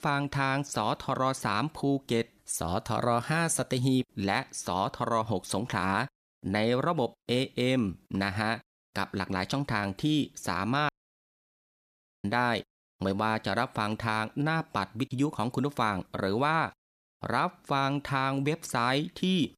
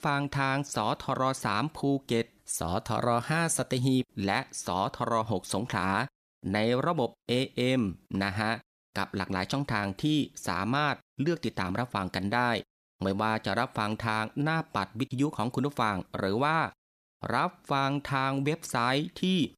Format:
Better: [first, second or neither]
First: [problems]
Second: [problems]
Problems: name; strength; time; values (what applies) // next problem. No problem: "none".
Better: second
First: audio cutting out; at 11 s for 1.5 s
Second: none